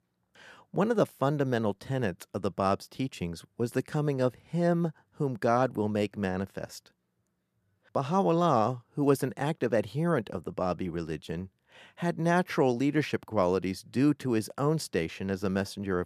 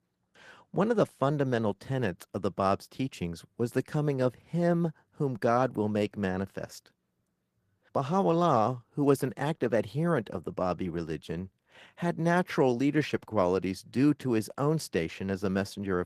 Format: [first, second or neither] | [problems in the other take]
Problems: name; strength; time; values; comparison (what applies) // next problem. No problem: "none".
first | garbled, watery; slightly; nothing above 14.5 kHz